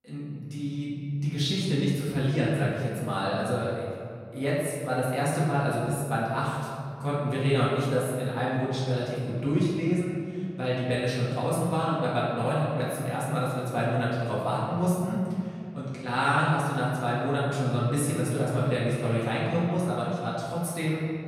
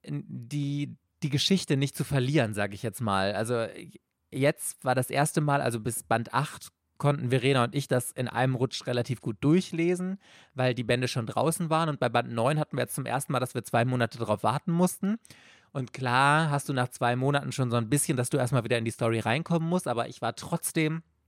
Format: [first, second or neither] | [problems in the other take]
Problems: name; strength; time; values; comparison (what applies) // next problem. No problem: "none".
second | room echo; noticeable; dies away in 2.2 s // off-mic speech; far